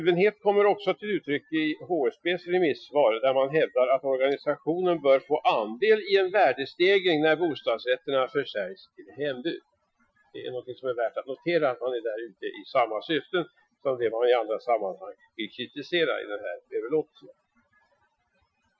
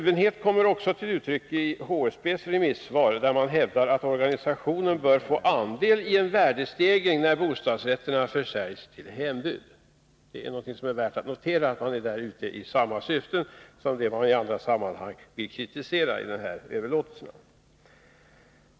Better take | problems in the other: second | noise reduction (classical method Wiener filter)

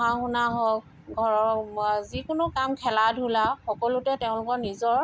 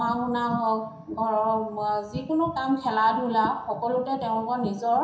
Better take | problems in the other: first | room echo; dies away in 0.7 s

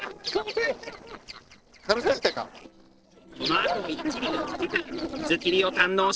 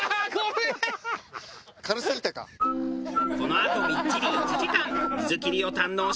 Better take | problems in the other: second | noise reduction (neural separator model SepFormer DNS4)

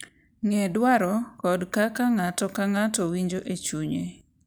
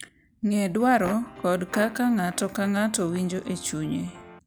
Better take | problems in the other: first | background sound (Fart + Piano); 17 dB below the speech

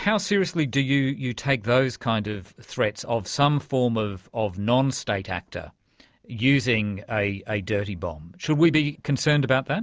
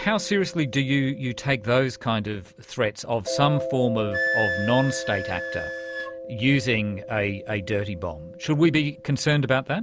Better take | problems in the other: first | background sound (Mallet percussion + Wind instrument, woodwind instrument); 8 dB below the speech

